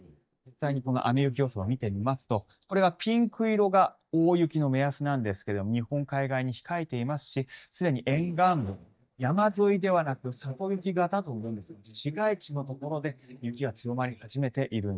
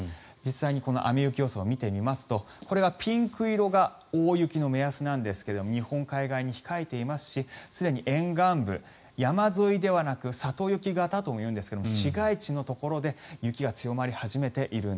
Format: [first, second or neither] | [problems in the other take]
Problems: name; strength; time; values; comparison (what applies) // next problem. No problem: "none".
second | noise reduction (neural mask model DeepFilterNet 3)